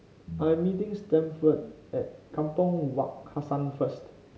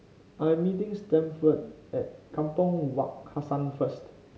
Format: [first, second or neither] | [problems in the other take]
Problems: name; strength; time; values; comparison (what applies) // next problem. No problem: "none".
second | background sound (Piano); 15 dB below the speech